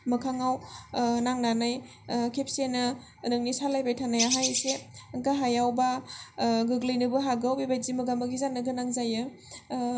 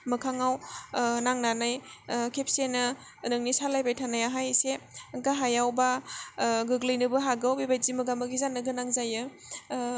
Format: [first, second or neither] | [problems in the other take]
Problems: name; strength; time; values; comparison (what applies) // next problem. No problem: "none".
second | background sound (Bird); 1 dB below the speech // room echo; dies away in 0.5 s